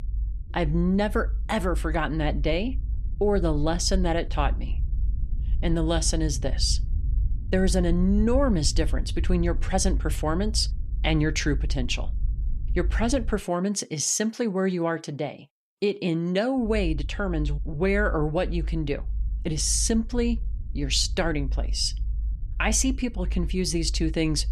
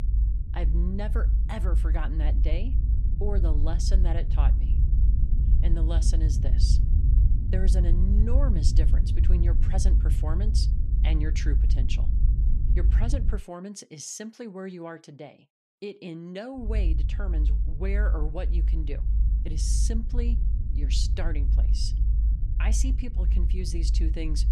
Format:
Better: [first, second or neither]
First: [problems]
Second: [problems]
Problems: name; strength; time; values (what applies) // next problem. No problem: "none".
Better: first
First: low rumble; faint; until 13 s and from 17 s on; 25 dB below the speech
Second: low rumble; loud; until 13 s and from 17 s on; 6 dB below the speech